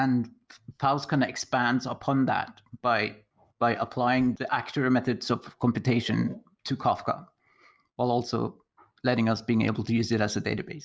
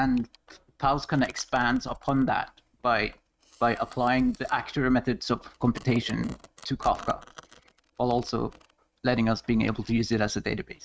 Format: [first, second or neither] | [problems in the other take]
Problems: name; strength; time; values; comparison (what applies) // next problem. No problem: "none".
first | noise reduction (neural mask model RNNoise)